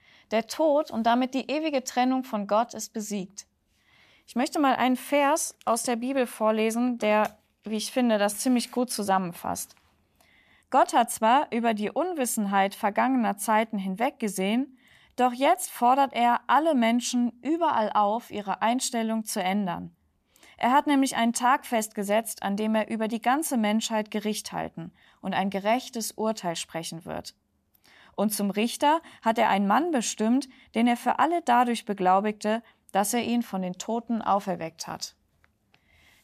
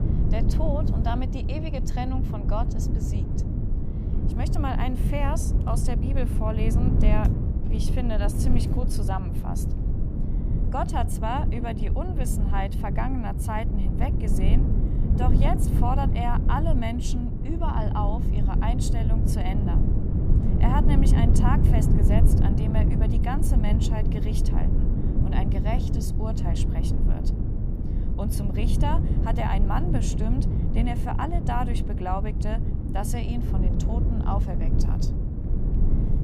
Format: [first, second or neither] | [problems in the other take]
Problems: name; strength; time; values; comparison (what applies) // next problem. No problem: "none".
first | low rumble; loud; throughout; 4 dB below the speech